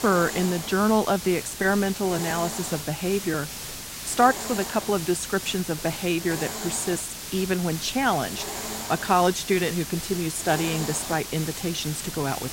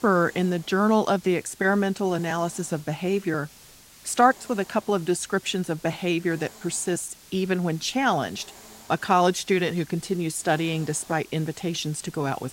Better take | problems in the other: second | hiss; loud; throughout; 7 dB below the speech; faint in the second

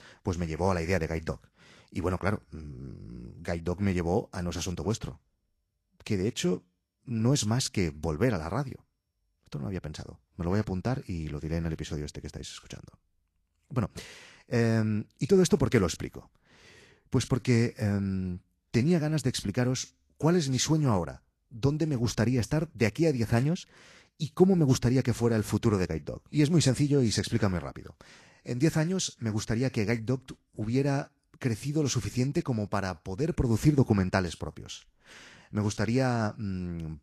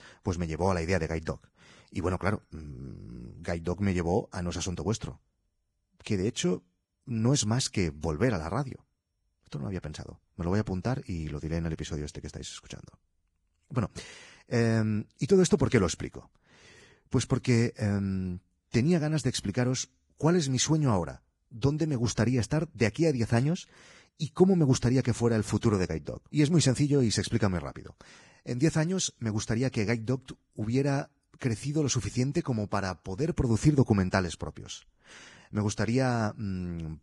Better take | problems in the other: first | garbled, watery; badly; nothing above 10 kHz; slightly in the first

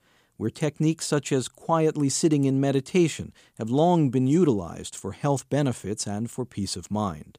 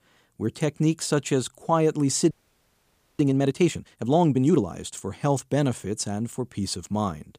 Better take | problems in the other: first | audio freezing; at 2.5 s for 1 s

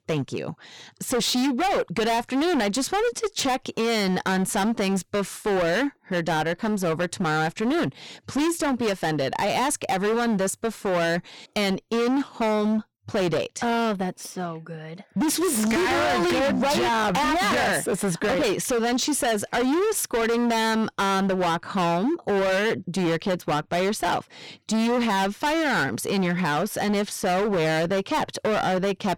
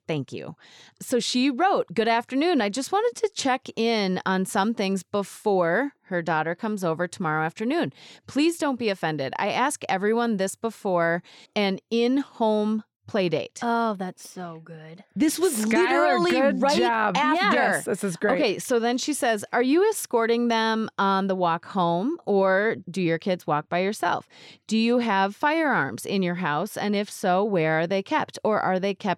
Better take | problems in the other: second | distortion; heavy; 29% of the sound clipped

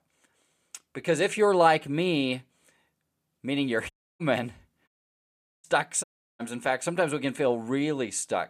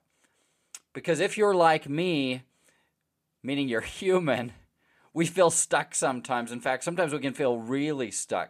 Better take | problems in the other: second | audio cutting out; at 4 s, at 5 s for 1 s and at 6 s

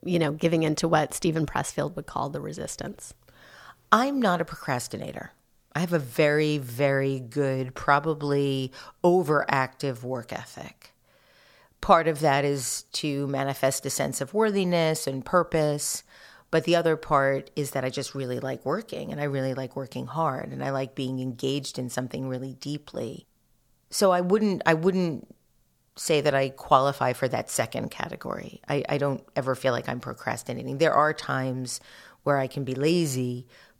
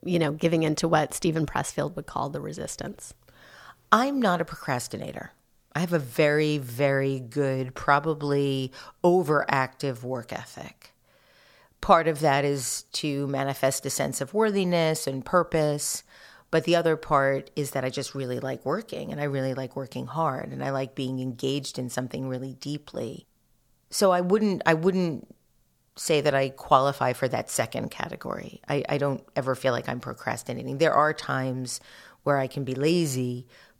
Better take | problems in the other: neither | none

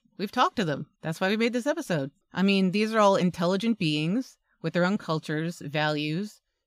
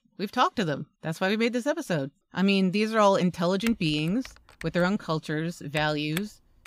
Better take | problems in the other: first | keyboard typing; faint; from 3.5 s on; peak 10 dB below the speech

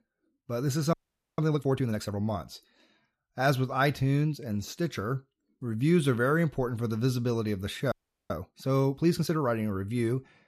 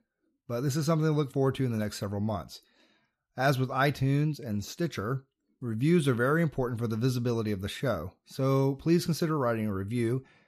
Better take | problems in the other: second | audio freezing; at 1 s and at 8 s

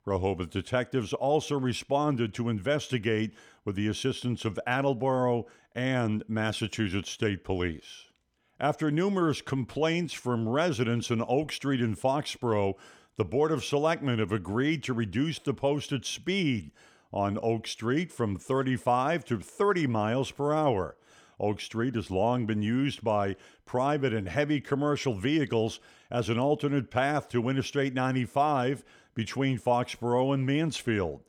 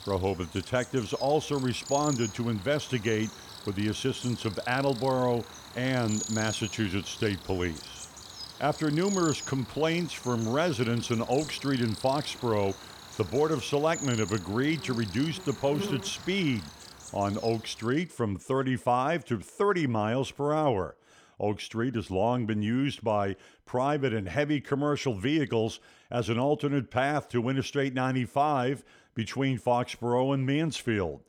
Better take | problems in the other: first | animal sounds; noticeable; until 18 s; 10 dB below the speech

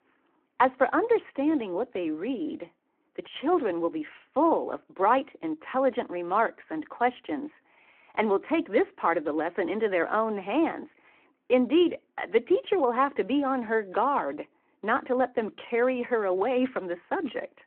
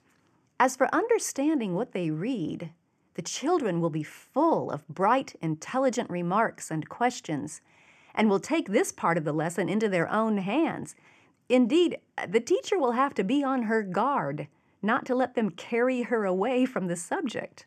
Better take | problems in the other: second | phone-call audio

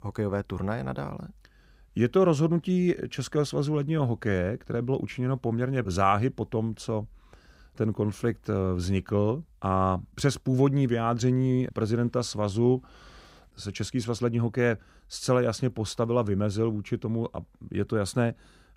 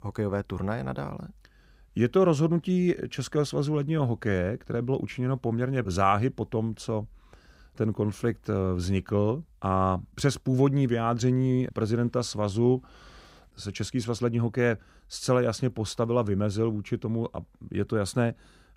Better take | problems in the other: neither | none

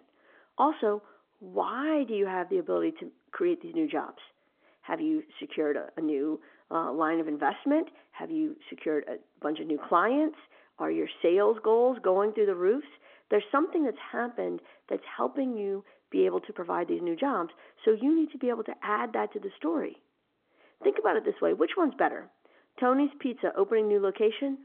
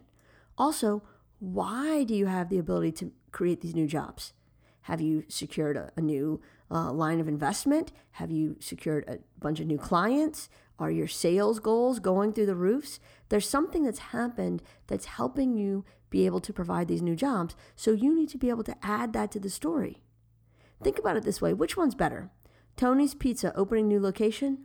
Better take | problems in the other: second | phone-call audio

